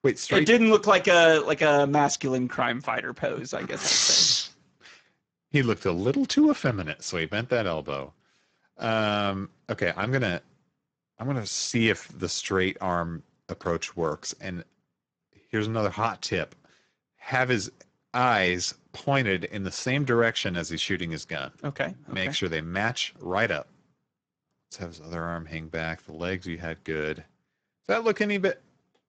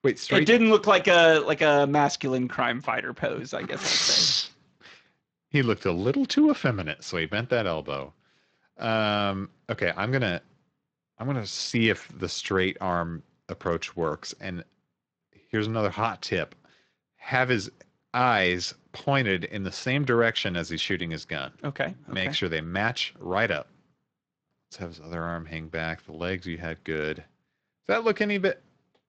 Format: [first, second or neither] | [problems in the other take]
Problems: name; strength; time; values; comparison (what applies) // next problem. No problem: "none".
second | garbled, watery; badly; slightly in the second